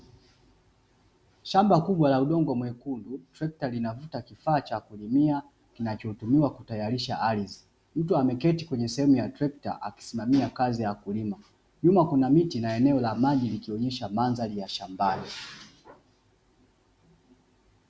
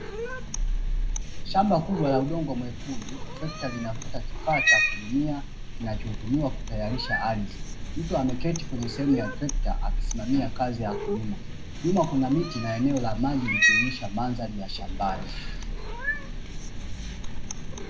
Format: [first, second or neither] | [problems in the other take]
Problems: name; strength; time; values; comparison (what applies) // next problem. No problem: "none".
first | background sound (Cat); 1 dB above the speech // room echo; dies away in 0.3 s